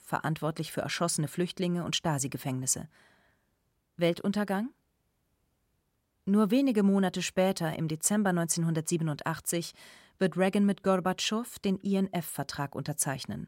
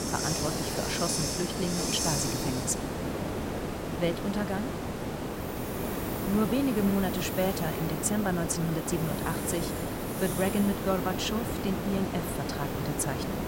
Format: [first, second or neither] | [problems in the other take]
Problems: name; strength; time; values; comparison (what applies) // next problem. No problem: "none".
first | hiss; loud; throughout; 1 dB below the speech